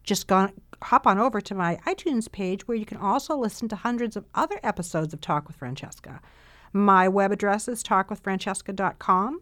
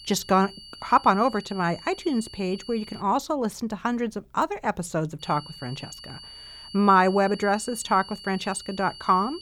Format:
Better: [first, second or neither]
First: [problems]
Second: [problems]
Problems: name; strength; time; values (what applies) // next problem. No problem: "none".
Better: first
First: none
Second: high-pitched whine; noticeable; until 3 s and from 5 s on; 4.5 kHz, 15 dB below the speech